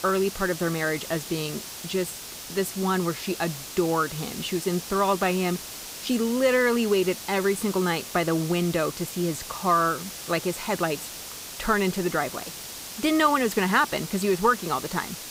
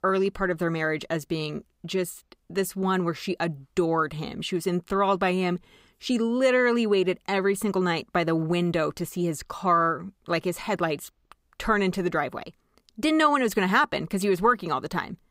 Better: second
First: hiss; loud; throughout; 10 dB below the speech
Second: none

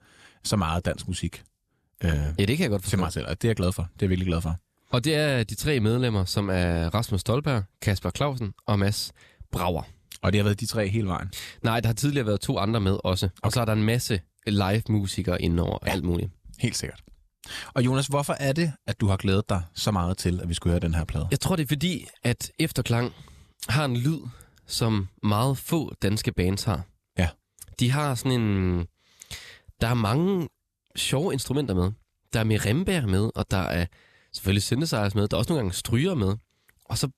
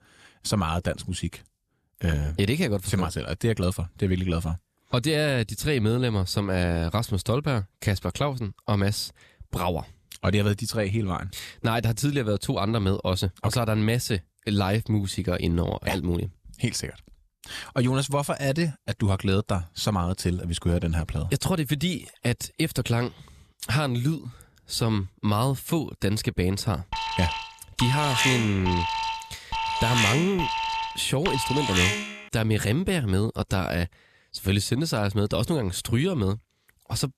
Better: first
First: none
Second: alarm; loud; from 27 to 32 s; peak 4 dB above the speech

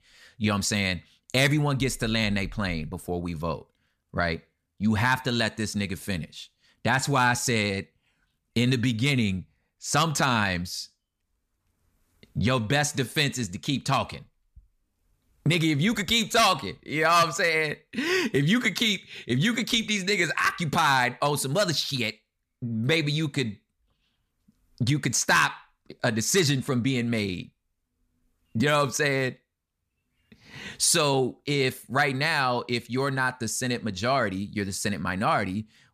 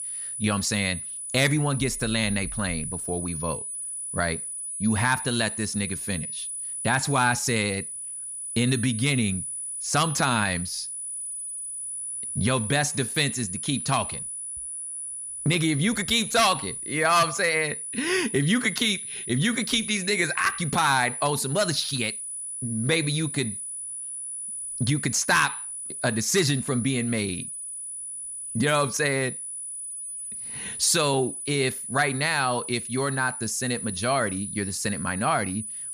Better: first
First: none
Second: high-pitched whine; loud; throughout; 10 kHz, 6 dB below the speech

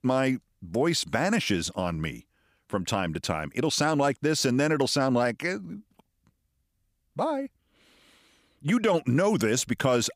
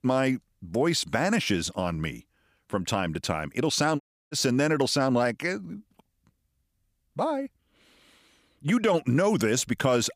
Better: first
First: none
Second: audio cutting out; at 4 s

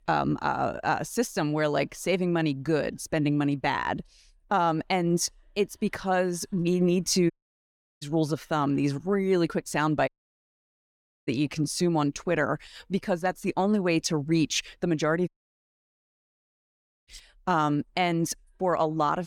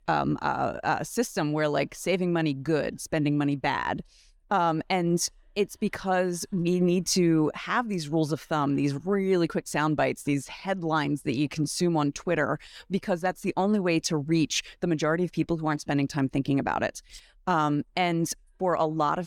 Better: second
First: audio cutting out; at 7.5 s for 0.5 s, at 10 s for 1 s and at 15 s for 2 s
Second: none

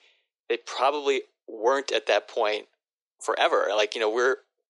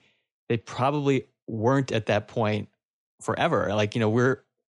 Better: second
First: thin; very; fading below 350 Hz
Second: none

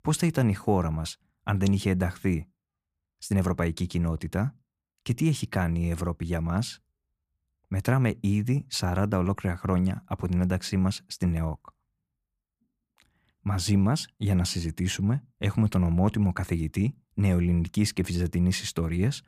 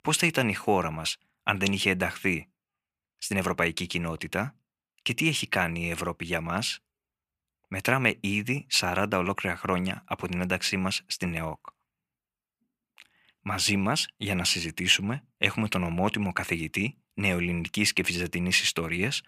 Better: first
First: none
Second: thin; somewhat; fading below 500 Hz

